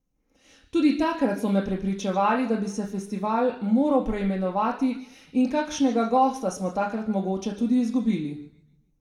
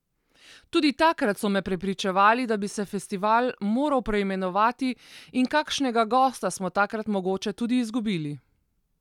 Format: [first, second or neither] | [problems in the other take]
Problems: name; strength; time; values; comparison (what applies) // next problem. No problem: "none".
second | room echo; dies away in 0.7 s